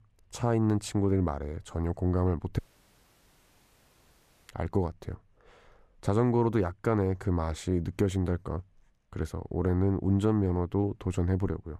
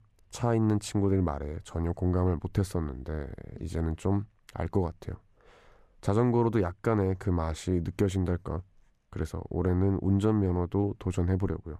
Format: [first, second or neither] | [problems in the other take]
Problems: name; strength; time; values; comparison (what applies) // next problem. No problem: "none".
second | audio cutting out; at 2.5 s for 2 s